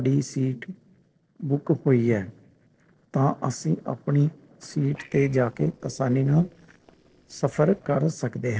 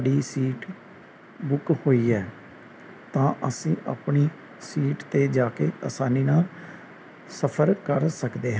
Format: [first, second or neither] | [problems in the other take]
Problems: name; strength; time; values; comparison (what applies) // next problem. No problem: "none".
second | noise reduction (neural separator model SepFormer DNS4)